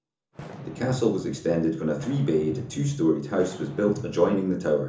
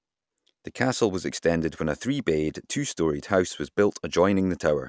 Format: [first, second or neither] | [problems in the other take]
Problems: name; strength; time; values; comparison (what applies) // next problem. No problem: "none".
second | background sound (Fireworks); 14 dB below the speech // room echo; dies away in 0.6 s